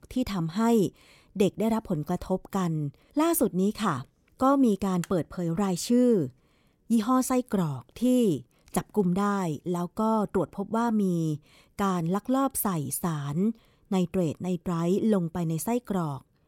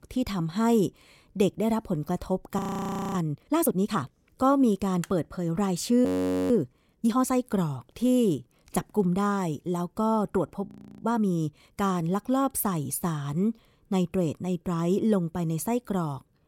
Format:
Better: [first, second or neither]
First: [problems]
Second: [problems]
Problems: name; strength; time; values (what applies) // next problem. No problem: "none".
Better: first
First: none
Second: audio freezing; at 2.5 s for 0.5 s, at 6 s and at 11 s